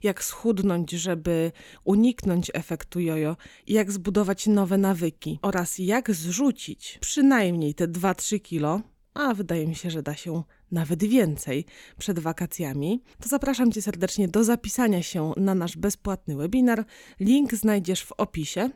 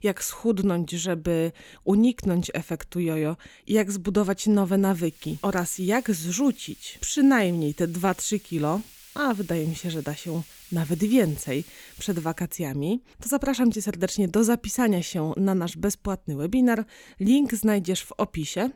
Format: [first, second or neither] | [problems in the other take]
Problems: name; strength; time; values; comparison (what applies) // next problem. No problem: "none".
first | hiss; faint; from 5 to 12 s; 20 dB below the speech